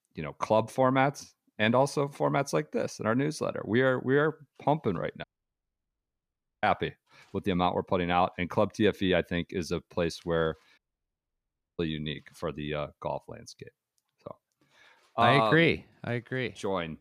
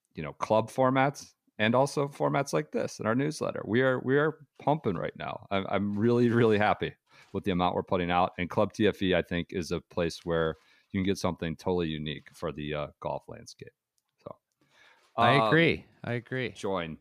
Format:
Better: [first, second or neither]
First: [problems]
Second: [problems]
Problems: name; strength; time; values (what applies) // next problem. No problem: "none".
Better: second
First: audio cutting out; at 5 s for 1.5 s and at 11 s for 1 s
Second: none